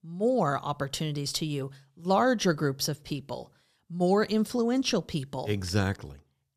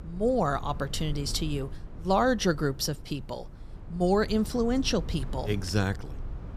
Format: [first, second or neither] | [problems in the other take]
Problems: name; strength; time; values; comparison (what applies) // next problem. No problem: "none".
first | low rumble; faint; throughout; 20 dB below the speech